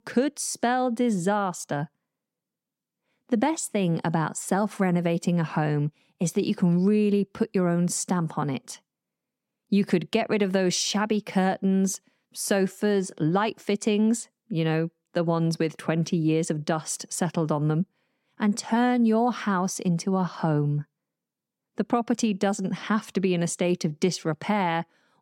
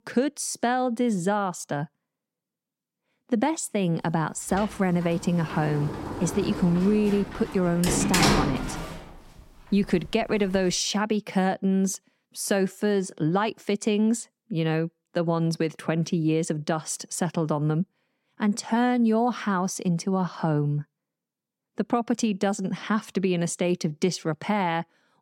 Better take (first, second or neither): first